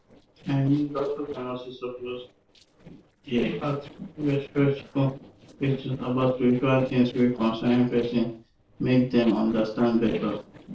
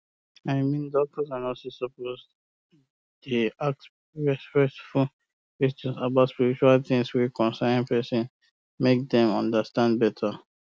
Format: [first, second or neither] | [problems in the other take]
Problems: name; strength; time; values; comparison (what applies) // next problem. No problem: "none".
second | noise reduction (neural separator model SepFormer DNS4)